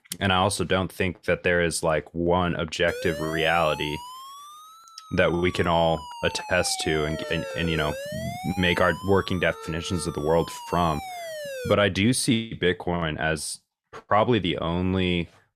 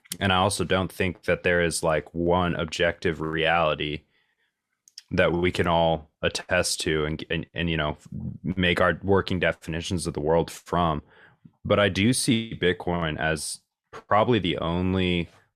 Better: second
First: siren; noticeable; from 3 to 12 s; peak 9 dB below the speech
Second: none

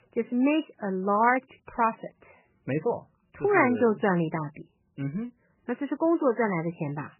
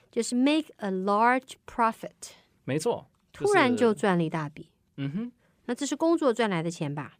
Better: second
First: garbled, watery; badly; nothing above 3 kHz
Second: none

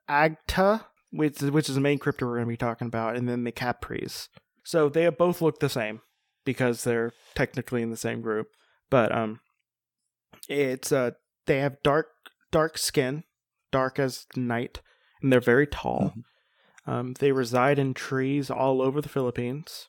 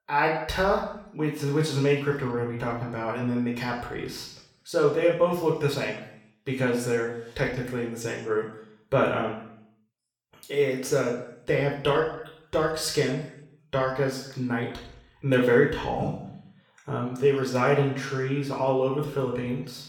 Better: first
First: none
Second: room echo; noticeable; dies away in 0.7 s // off-mic speech; far

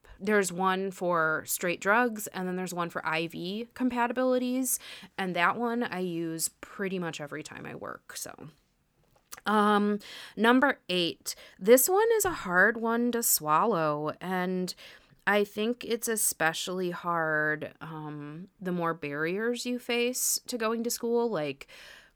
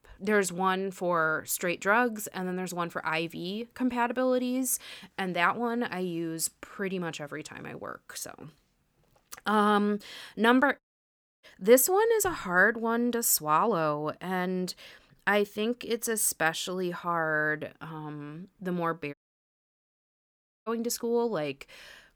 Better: first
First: none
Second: audio cutting out; at 11 s for 0.5 s and at 19 s for 1.5 s

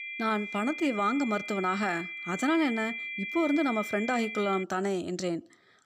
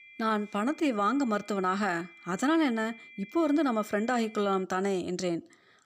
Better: second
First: high-pitched whine; loud; until 4.5 s; 2.5 kHz, 6 dB below the speech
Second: high-pitched whine; faint; until 4.5 s; 2.5 kHz, 20 dB below the speech

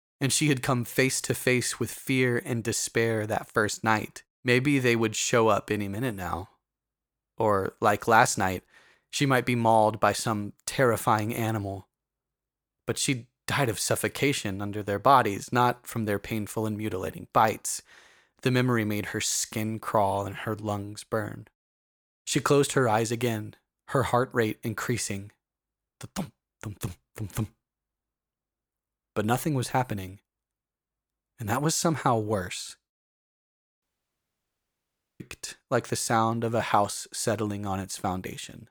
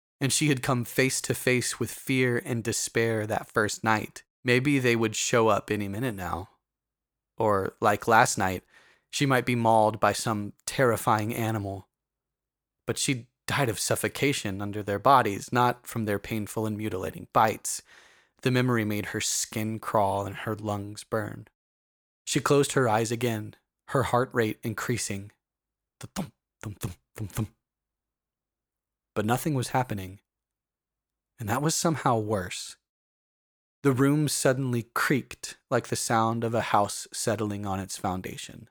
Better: second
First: audio cutting out; at 34 s for 1.5 s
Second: none

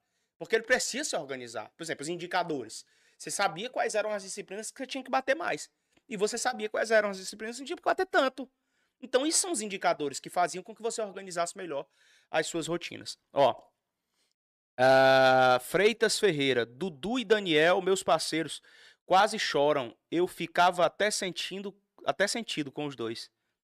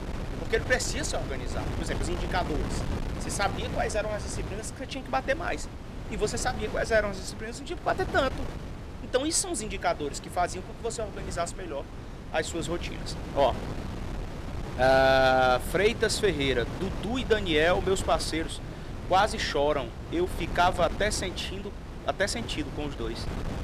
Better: first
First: none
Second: wind noise on the microphone; occasional gusts; 15 dB below the speech

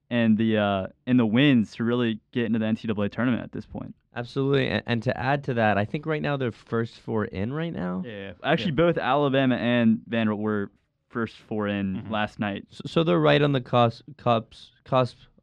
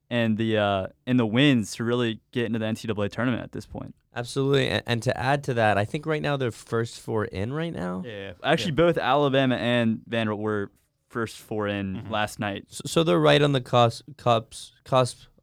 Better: second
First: muffled; very slightly; fading above 3 kHz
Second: none

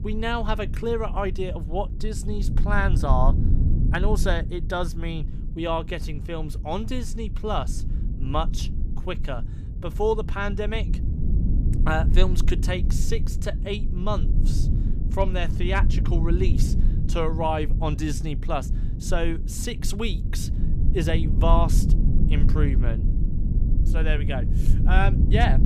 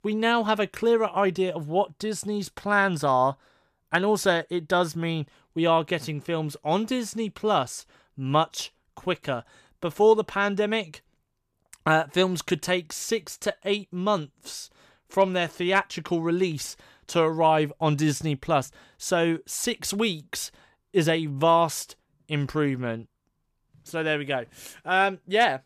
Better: second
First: low rumble; noticeable; throughout; 10 dB below the speech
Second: none

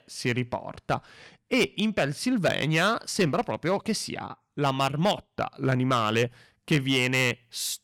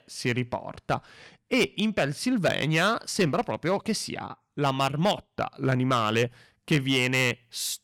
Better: neither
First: distortion; slight; 3% of the sound clipped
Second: distortion; slight; 3% of the sound clipped

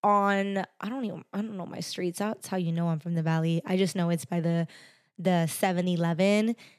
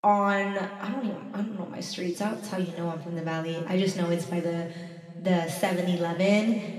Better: first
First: none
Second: room echo; slight; dies away in 2.1 s // off-mic speech; somewhat distant

